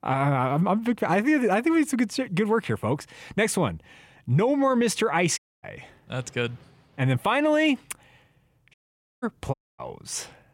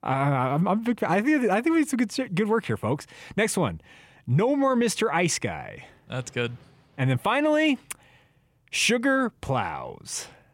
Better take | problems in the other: second | audio cutting out; at 5.5 s, at 8.5 s and at 9.5 s

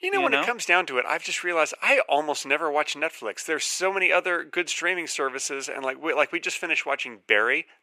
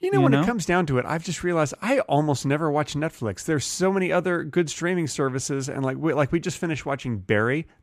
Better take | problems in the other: second | thin; very; fading below 450 Hz

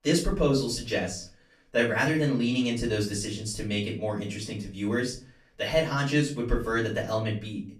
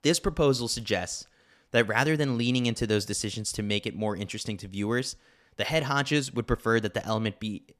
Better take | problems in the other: second | room echo; slight; dies away in 0.3 s // off-mic speech; far

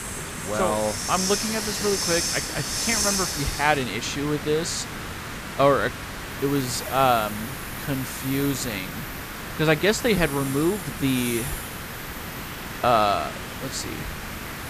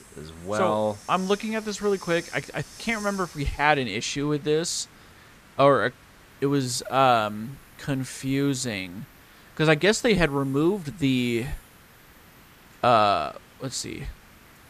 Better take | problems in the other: second | hiss; loud; throughout; 5 dB below the speech; faint in the second

